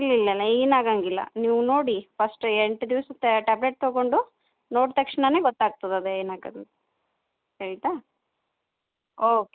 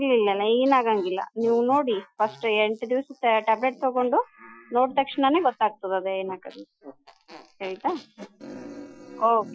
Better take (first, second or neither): first